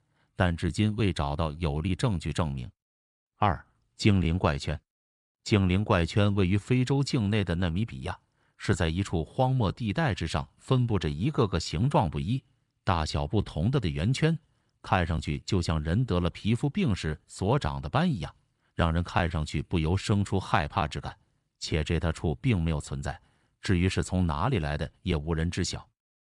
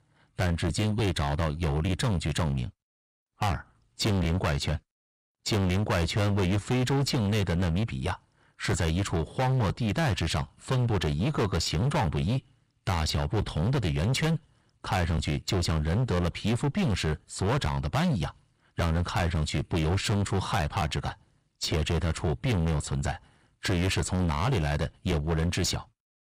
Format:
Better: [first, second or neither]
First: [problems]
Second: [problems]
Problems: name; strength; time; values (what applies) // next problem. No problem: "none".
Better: first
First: none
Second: distortion; heavy; 25% of the sound clipped